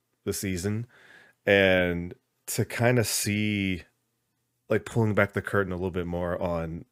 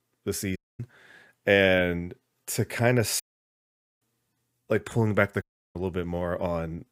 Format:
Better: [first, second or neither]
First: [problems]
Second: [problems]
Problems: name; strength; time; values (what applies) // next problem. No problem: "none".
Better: first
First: none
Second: audio cutting out; at 0.5 s, at 3 s for 1 s and at 5.5 s